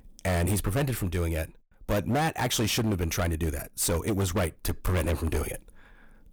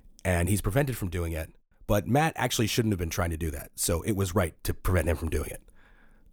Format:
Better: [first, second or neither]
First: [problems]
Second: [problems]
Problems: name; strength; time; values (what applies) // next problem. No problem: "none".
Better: second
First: distortion; heavy; 16% of the sound clipped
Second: none